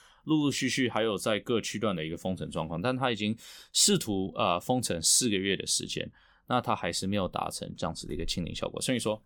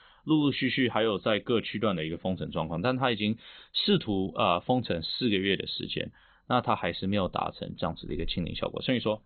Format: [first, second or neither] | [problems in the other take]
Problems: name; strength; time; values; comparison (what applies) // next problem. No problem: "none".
first | garbled, watery; badly; nothing above 4 kHz